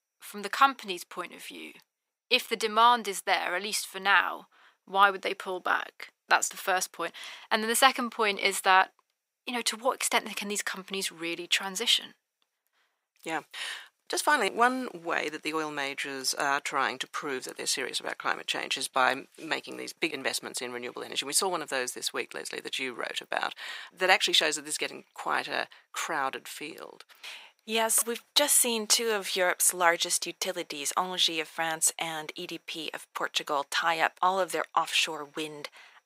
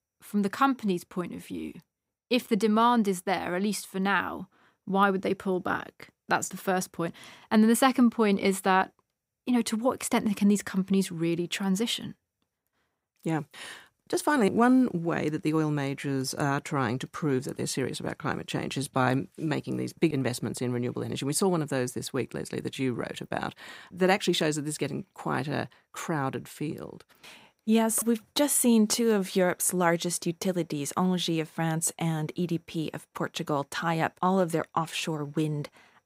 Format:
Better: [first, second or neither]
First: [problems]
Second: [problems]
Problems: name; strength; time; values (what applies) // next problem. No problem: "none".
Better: second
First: thin; very; fading below 600 Hz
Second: none